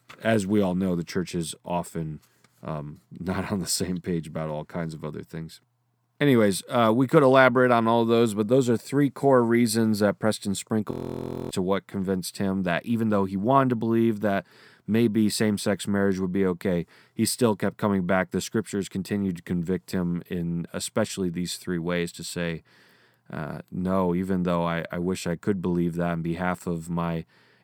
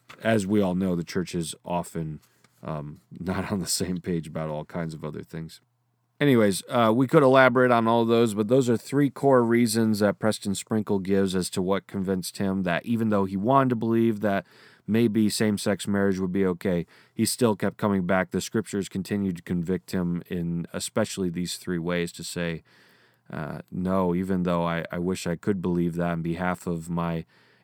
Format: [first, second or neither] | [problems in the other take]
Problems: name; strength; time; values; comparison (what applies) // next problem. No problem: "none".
second | audio freezing; at 11 s for 0.5 s